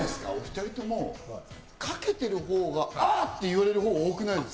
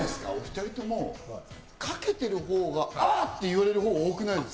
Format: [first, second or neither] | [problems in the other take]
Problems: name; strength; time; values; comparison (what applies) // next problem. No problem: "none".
first | background sound (Keyboard (musical)); 18 dB below the speech